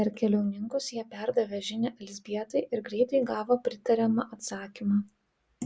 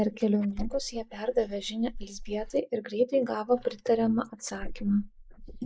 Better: first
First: none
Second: noise reduction (neural mask model Resemble Enhance denoiser)

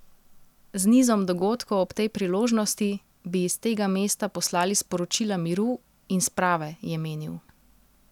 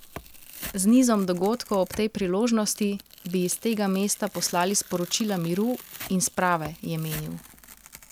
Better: first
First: none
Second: background sound (Tearing); 18 dB below the speech

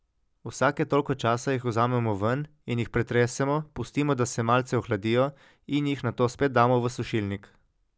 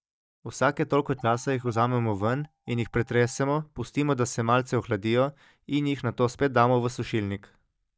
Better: first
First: none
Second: noise reduction (neural mask model DeepFilterNet 3)

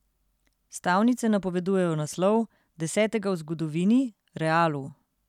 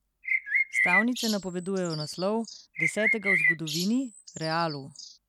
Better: first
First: none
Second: background sound (Bird); 2 dB above the speech

